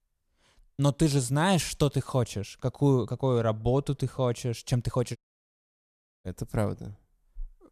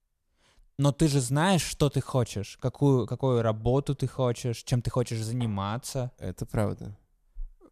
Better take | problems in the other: second | audio cutting out; at 5 s for 1 s

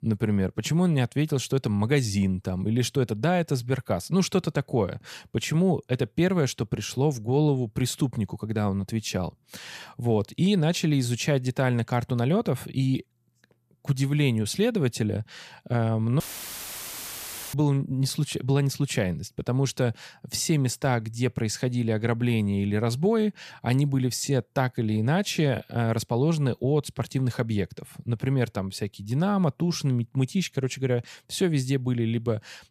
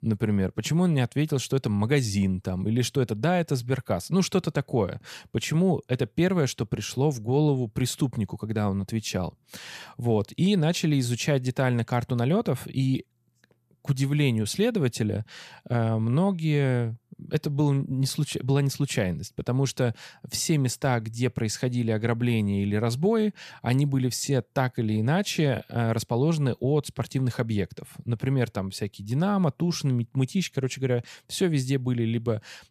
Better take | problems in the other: second | audio cutting out; filled with static; at 16 s for 1.5 s

